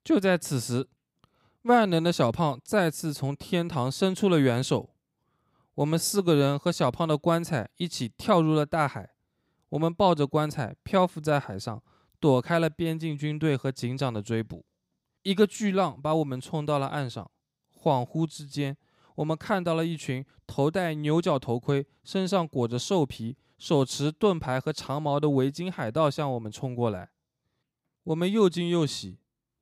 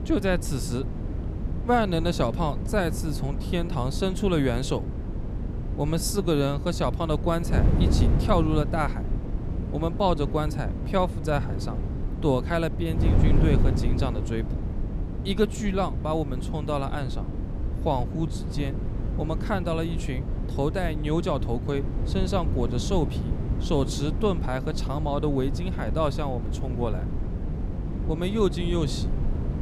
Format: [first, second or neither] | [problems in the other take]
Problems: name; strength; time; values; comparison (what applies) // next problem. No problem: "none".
first | wind noise on the microphone; heavy; 10 dB below the speech